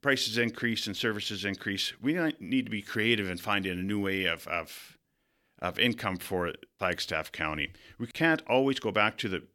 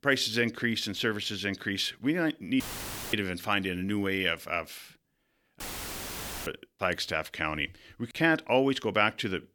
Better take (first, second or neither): first